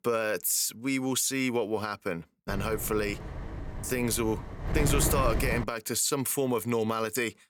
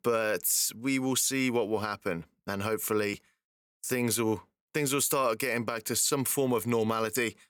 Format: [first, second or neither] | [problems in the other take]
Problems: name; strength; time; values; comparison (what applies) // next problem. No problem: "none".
second | wind noise on the microphone; heavy; from 2.5 to 5.5 s; 9 dB below the speech